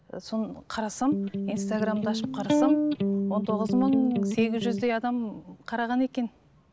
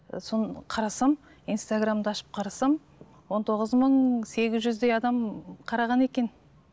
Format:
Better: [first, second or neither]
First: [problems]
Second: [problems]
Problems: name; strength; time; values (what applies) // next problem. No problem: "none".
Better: second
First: background sound (Electric guitar); 1 dB above the speech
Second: none